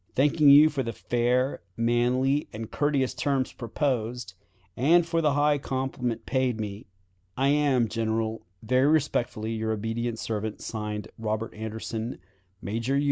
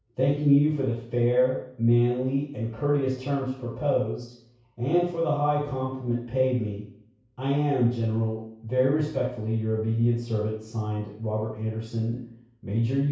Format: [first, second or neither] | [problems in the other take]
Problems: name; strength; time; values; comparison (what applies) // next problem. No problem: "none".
first | room echo; dies away in 0.6 s